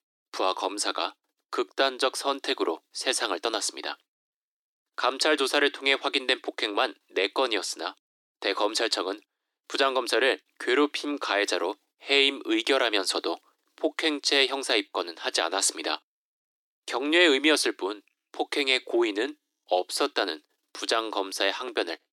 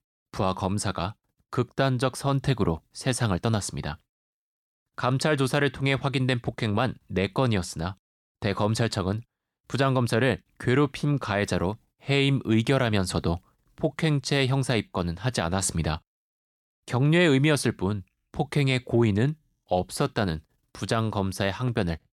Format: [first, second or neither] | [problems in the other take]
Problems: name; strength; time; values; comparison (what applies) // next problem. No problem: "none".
second | thin; somewhat; fading below 300 Hz